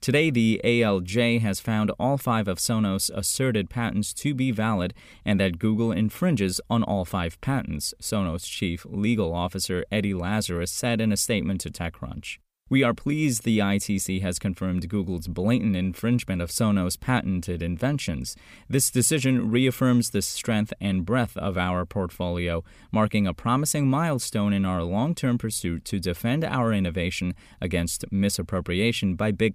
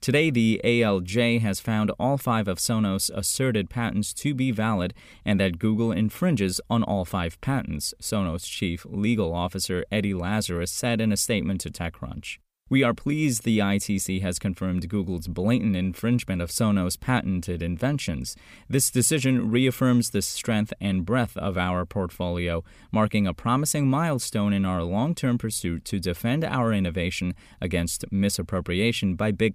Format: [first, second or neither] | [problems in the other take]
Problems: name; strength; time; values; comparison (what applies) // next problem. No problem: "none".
neither | none